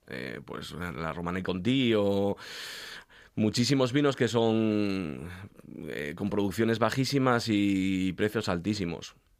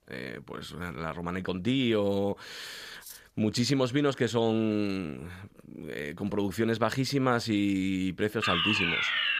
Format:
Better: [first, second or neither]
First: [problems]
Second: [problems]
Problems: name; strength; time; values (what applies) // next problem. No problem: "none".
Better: first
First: none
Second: clattering dishes; faint; at 3 s; peak 15 dB below the speech // alarm; loud; at 8.5 s; peak 4 dB above the speech